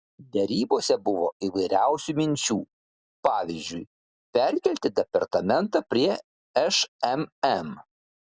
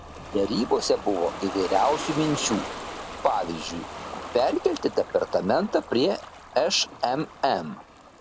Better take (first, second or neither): first